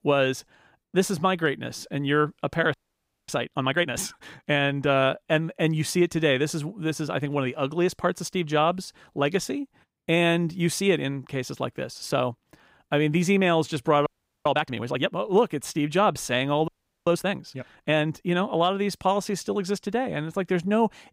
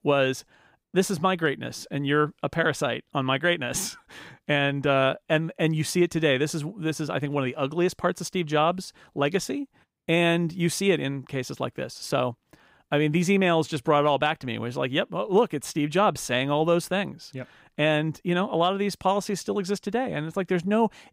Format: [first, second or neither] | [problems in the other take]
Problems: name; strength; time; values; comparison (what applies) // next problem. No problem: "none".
second | audio freezing; at 2.5 s for 0.5 s, at 14 s and at 17 s